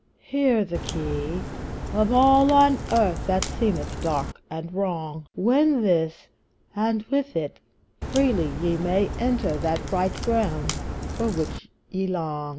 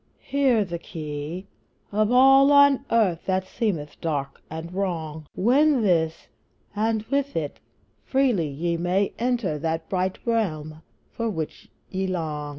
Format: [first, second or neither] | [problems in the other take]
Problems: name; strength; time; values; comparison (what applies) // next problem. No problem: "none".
second | background sound (Crack); 6 dB below the speech